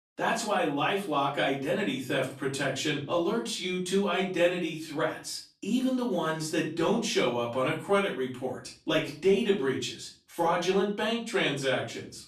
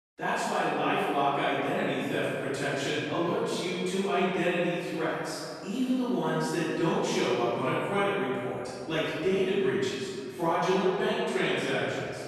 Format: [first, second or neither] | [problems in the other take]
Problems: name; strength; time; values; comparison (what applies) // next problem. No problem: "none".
first | room echo; strong; dies away in 2.2 s; slight in the first // off-mic speech; far; far in the first